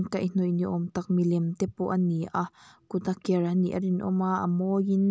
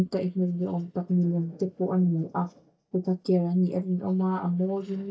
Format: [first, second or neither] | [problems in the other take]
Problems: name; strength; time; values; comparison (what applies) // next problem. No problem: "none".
first | noise reduction (neural mask model DeepFilterNet 3)